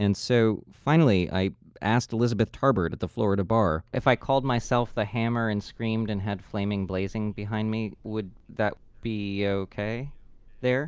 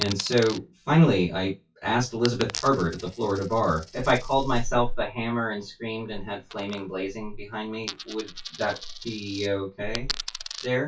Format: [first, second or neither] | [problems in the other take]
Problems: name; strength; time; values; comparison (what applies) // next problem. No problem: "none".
first | noise reduction (classical method WPE with log-MMSE)